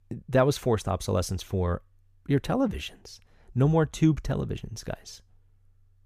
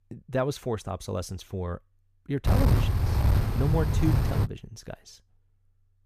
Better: first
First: none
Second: wind noise on the microphone; heavy; from 2.5 to 4.5 s; 1 dB below the speech

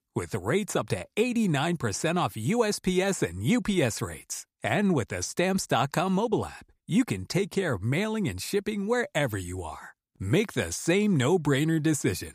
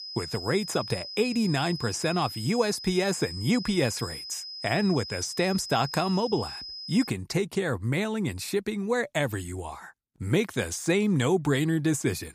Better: first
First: none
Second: high-pitched whine; loud; until 7 s; 5 kHz, 9 dB below the speech

